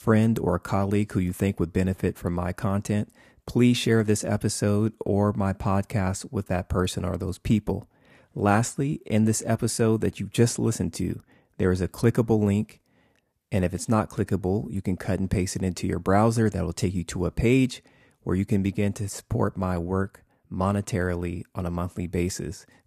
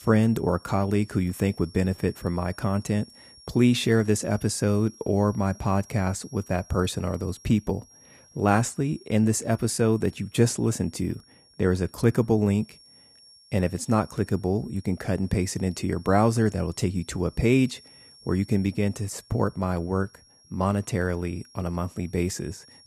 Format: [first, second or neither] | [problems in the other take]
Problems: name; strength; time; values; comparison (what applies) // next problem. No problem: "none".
first | high-pitched whine; faint; throughout; 5.5 kHz, 25 dB below the speech